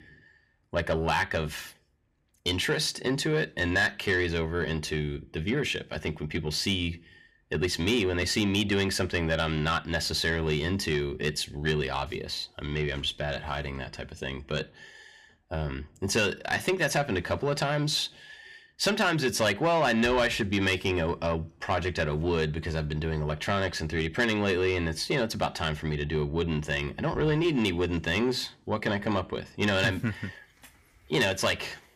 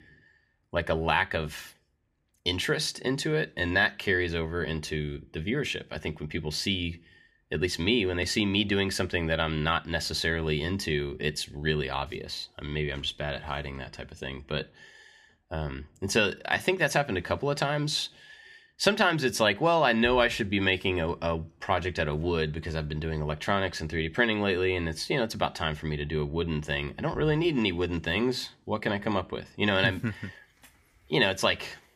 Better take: second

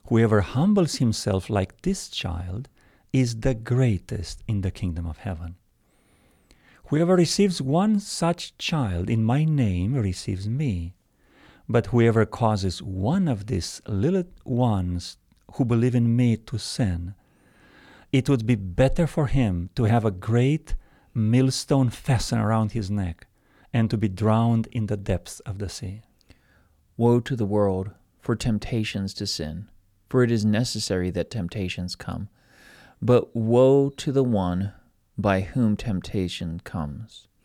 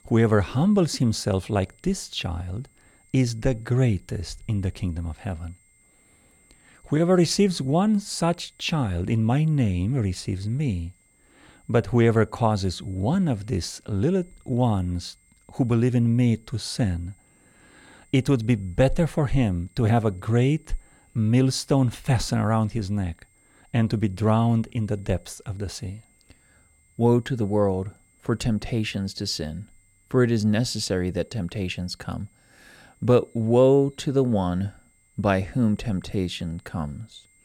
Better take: first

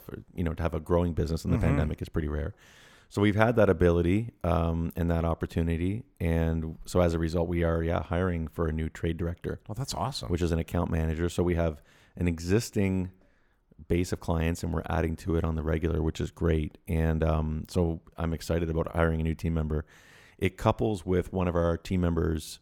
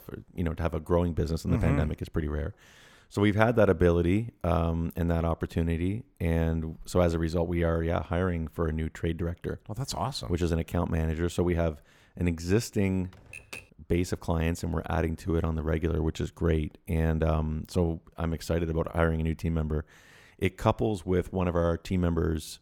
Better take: first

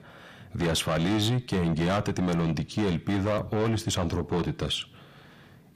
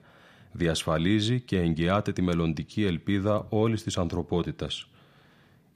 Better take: second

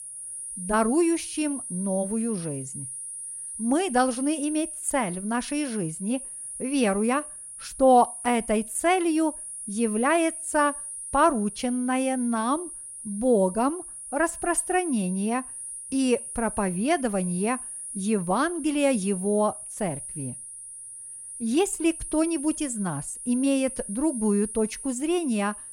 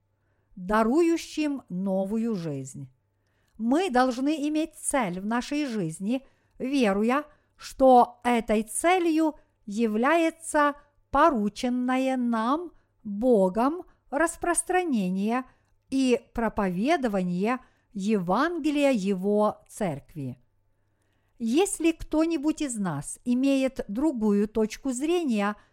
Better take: second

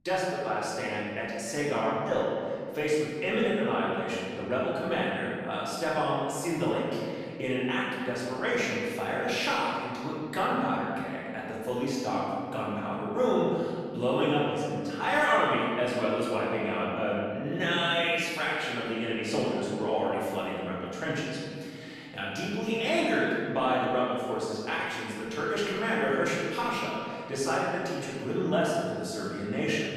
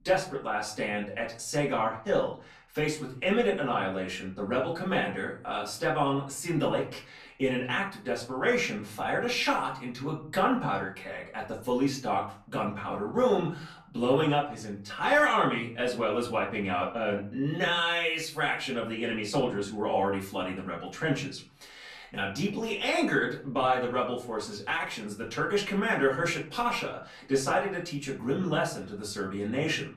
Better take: second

